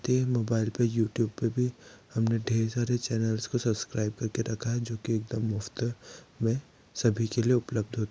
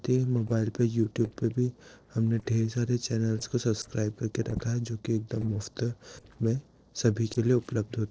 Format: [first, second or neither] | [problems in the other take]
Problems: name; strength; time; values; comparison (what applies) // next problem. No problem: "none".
first | noise reduction (neural separator model SepFormer DNS4)